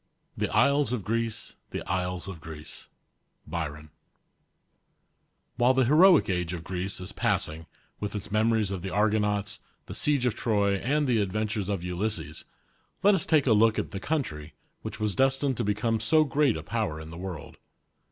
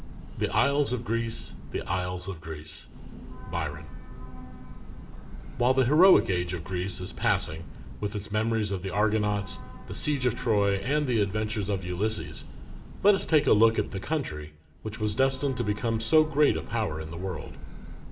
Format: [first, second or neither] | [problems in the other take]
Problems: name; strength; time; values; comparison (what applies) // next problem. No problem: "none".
first | background sound (Train / Breathing); 10 dB below the speech // room echo; dies away in 0.7 s